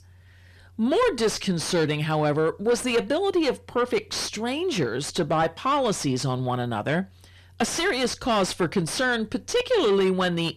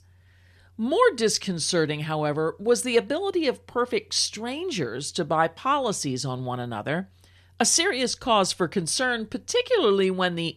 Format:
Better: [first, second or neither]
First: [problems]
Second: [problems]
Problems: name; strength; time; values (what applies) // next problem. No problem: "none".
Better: second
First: distortion; heavy; 7 dB below the speech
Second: none